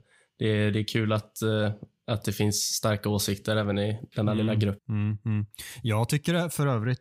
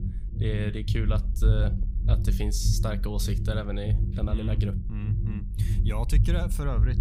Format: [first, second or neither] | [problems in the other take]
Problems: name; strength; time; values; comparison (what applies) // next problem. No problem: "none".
first | low rumble; loud; throughout; 7 dB below the speech